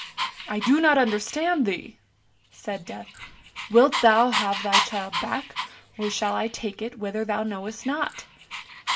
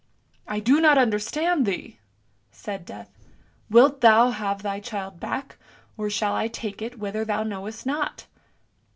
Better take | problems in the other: second | background sound (Dog); 7 dB below the speech

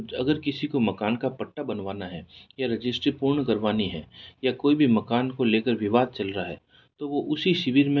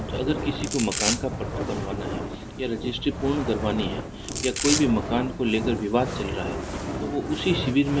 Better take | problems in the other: first | background sound (Domestic sounds, home sounds + Fire); 3 dB below the speech

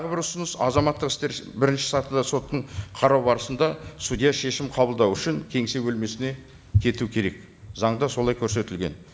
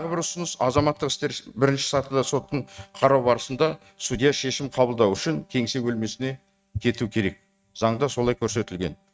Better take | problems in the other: first | noise reduction (neural mask model RNNoise)

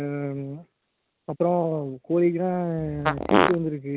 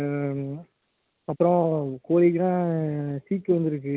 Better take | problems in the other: second | background sound (Fart); 2 dB above the speech

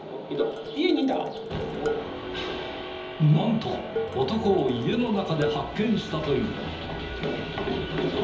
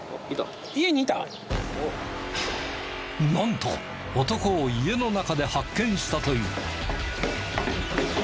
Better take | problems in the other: second | background sound (Dishes, pots, and pans); 9 dB below the speech // room echo; dies away in 1.2 s

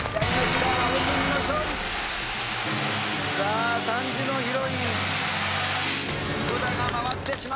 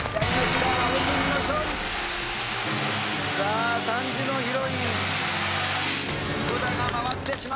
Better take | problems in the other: first | background sound (Wind instrument, woodwind instrument); 20 dB below the speech

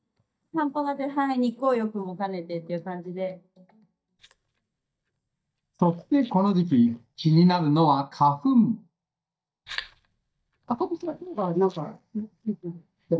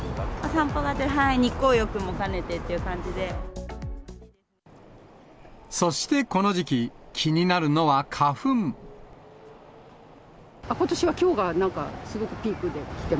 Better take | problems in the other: second | noise reduction (neural mask model DeepFilterNet 3)

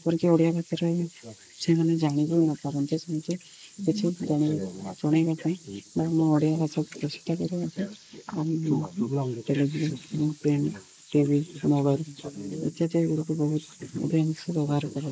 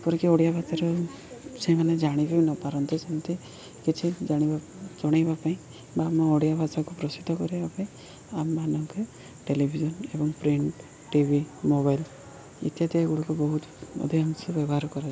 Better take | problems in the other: second | noise reduction (neural mask model Resemble Enhance denoiser)

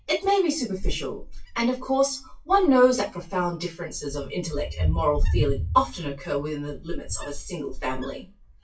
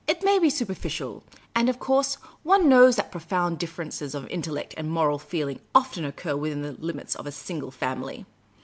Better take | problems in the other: second | noise reduction (classical method WPE with log-MMSE)

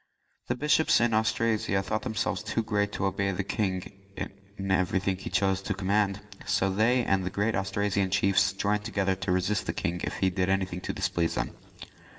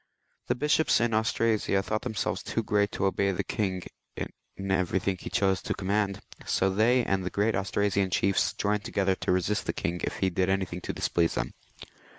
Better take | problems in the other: second | room echo; dies away in 0.6 s

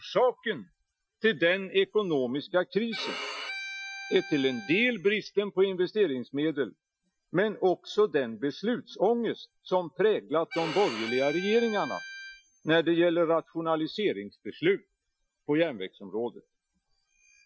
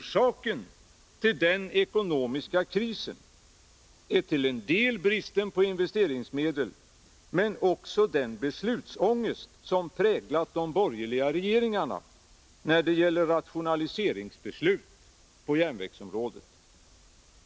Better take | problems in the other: second | noise reduction (classical method Wiener filter)

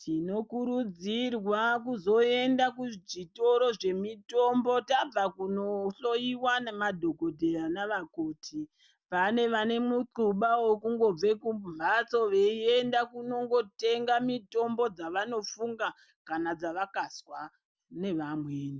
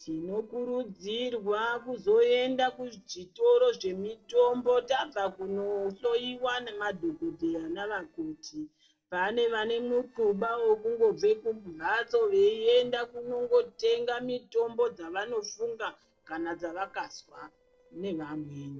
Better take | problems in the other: first | noise reduction (neural separator model SepFormer DNS4)

